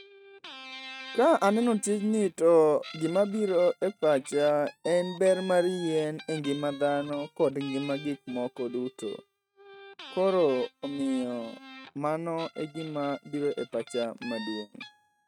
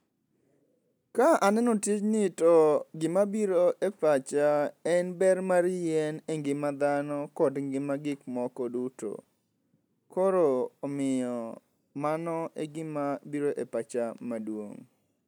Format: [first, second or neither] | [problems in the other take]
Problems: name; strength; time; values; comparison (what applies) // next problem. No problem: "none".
second | noise reduction (neural mask model RNNoise)